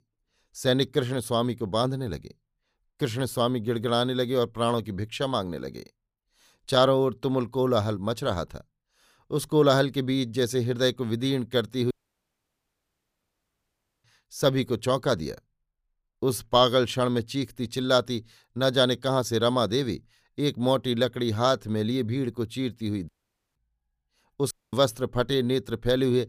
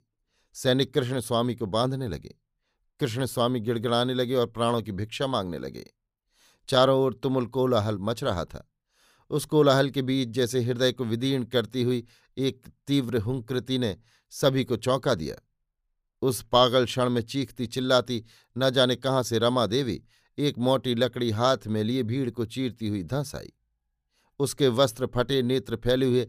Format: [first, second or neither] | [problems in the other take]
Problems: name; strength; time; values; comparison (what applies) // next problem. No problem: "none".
second | audio cutting out; at 12 s for 2 s, at 23 s and at 25 s